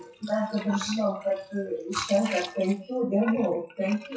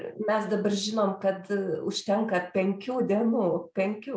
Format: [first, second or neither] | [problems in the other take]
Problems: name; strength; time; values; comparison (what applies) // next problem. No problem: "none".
second | noise reduction (classical method WPE with log-MMSE)